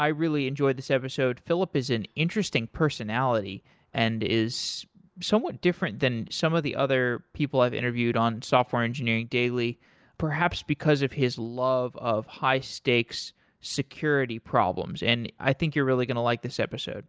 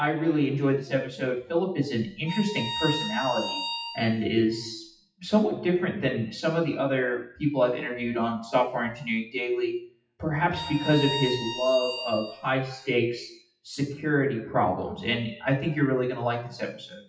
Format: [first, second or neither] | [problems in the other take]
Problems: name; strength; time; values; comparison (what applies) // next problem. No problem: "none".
first | noise reduction (classical method WPE with log-MMSE)